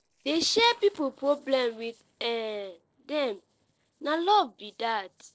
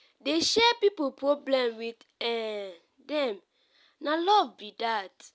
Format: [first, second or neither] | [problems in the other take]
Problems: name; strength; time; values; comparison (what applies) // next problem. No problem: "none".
second | noise reduction (neural separator model SepFormer DNS4)